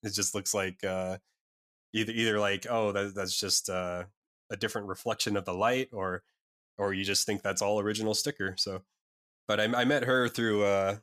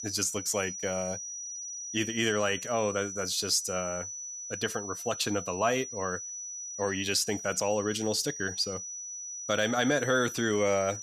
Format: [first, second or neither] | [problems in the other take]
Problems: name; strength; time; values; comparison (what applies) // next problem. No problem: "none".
first | high-pitched whine; loud; throughout; 6 kHz, 7 dB below the speech